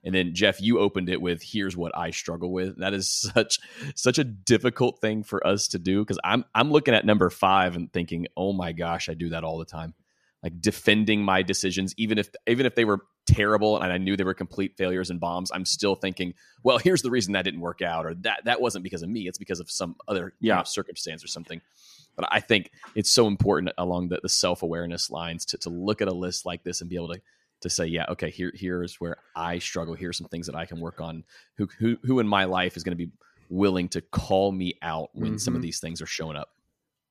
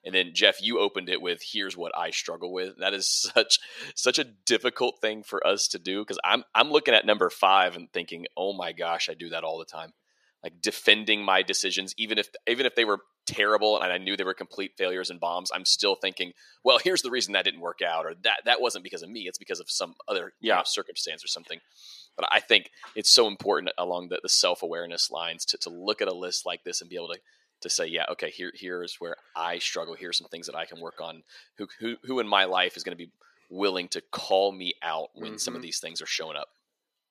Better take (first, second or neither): first